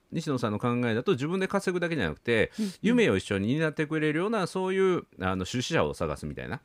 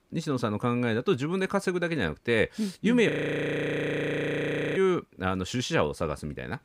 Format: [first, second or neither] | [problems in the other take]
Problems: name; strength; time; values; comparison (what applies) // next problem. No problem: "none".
first | audio freezing; at 3 s for 1.5 s